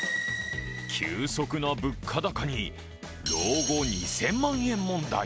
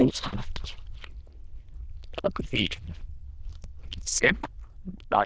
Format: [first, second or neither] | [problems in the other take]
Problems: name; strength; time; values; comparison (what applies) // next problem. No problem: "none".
first | noise reduction (neural diffusion model UNIVERSE++)